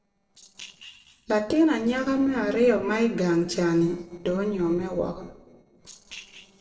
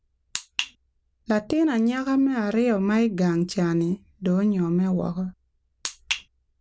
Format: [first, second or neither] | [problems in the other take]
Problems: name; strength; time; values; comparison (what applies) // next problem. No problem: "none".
second | noise reduction (neural separator model SepFormer DNS4)